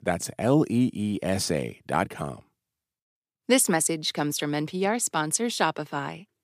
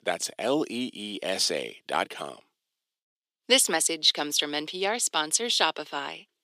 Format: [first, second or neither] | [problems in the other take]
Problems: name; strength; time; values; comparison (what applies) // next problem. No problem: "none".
first | thin; somewhat; fading below 400 Hz